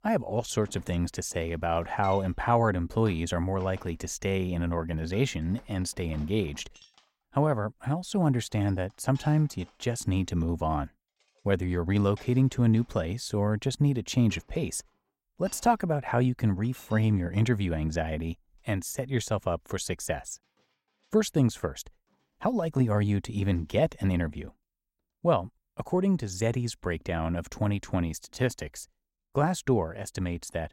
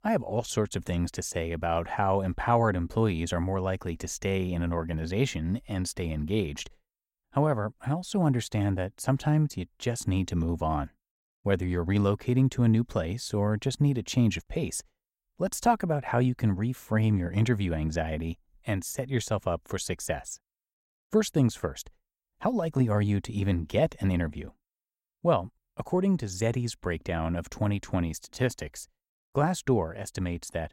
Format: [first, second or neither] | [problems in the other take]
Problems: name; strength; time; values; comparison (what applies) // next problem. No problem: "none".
second | household noises; faint; throughout; 25 dB below the speech